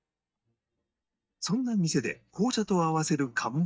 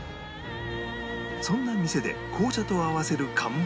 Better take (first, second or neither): second